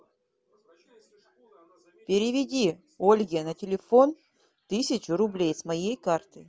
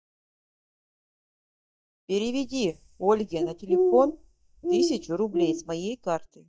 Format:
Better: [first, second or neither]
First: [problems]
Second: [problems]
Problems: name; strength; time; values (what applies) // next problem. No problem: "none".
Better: first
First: none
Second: noise reduction (neural mask model DeepFilterNet 3)